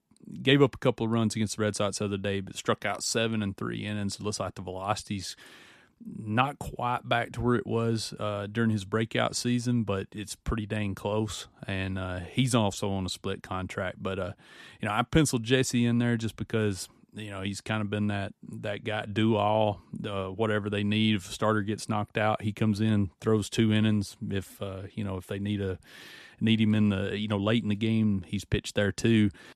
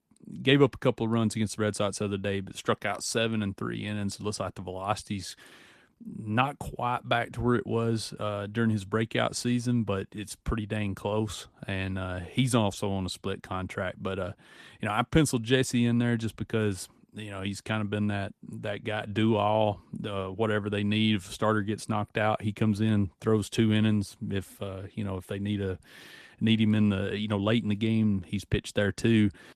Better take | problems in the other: first | garbled, watery; slightly; nothing above 14 kHz

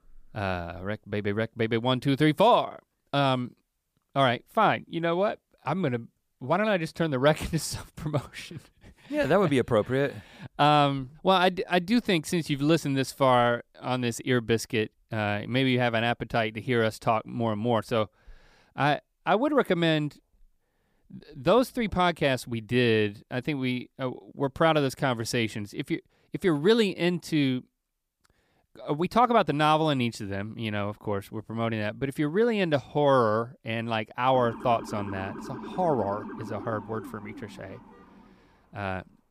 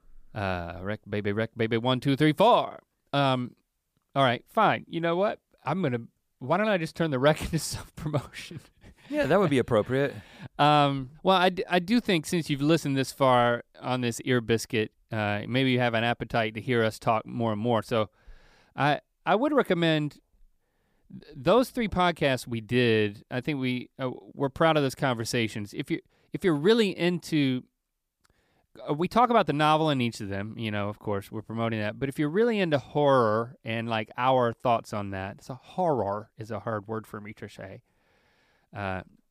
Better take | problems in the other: second | siren; faint; from 34 to 38 s; peak 10 dB below the speech

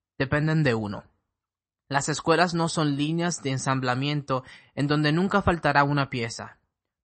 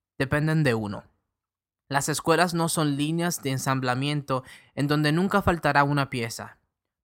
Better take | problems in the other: second | garbled, watery; slightly; nothing above 8 kHz

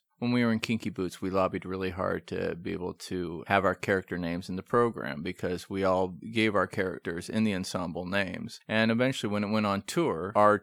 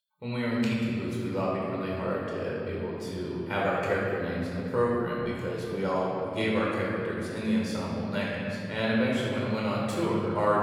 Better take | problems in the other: first | off-mic speech; far // room echo; strong; dies away in 3 s

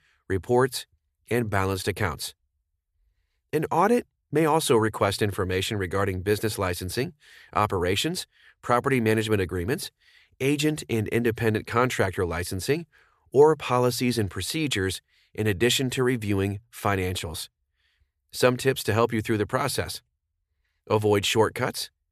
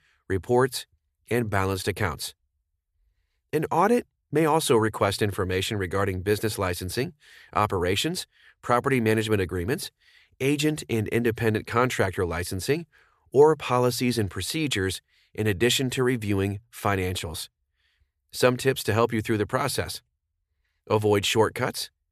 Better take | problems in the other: neither | none

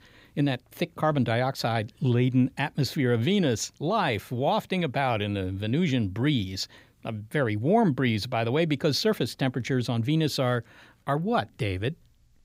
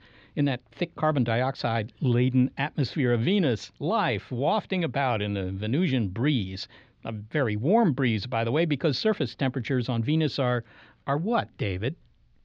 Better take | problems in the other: first | muffled; very slightly; fading above 4.5 kHz

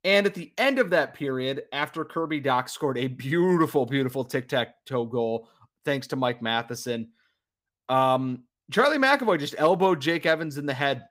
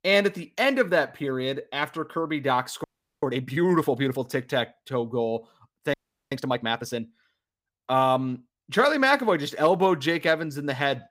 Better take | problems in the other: first | audio freezing; at 3 s and at 6 s

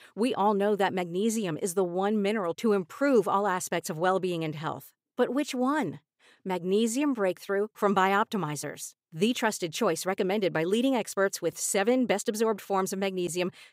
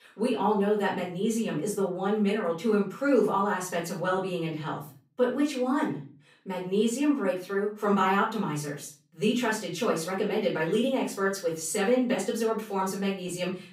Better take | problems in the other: first | off-mic speech; far // room echo; slight; dies away in 0.4 s

